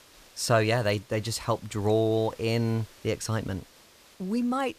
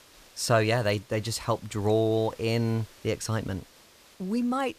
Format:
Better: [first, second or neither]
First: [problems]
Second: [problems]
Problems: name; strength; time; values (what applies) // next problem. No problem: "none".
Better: neither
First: hiss; faint; throughout; 25 dB below the speech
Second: hiss; faint; throughout; 25 dB below the speech